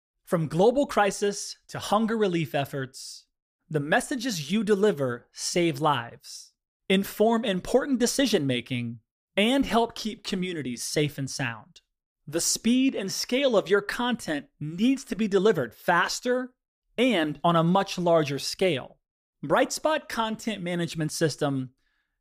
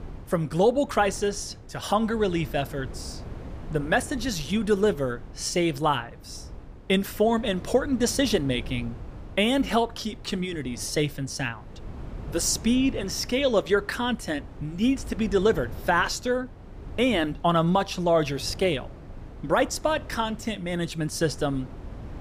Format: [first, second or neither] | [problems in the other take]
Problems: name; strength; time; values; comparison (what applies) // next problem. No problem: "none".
first | wind noise on the microphone; occasional gusts; 20 dB below the speech